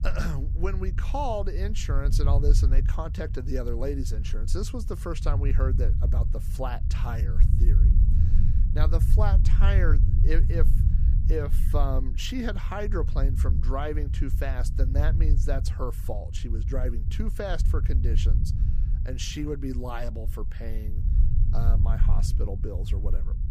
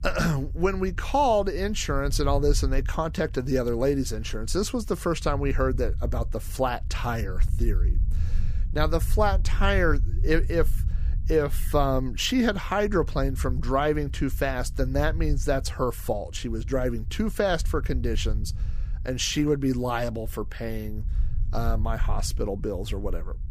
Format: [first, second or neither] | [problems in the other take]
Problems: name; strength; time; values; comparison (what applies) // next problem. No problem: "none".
second | low rumble; loud; throughout; 9 dB below the speech; faint in the second